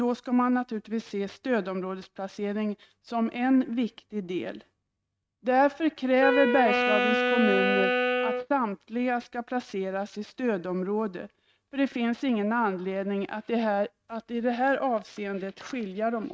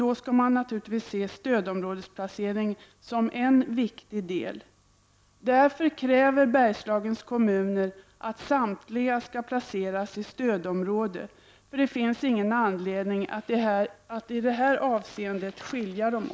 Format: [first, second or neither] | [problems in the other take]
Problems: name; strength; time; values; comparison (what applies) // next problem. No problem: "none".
second | noise reduction (neural mask model RNNoise)